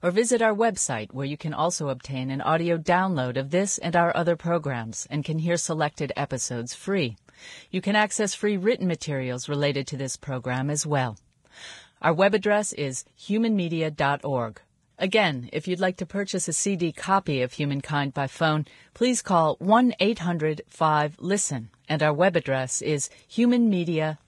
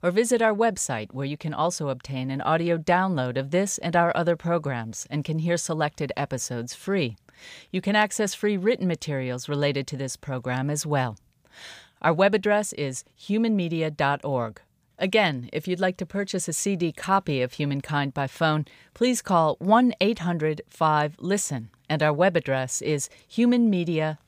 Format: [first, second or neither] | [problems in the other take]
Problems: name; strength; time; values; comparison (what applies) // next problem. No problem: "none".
second | garbled, watery; badly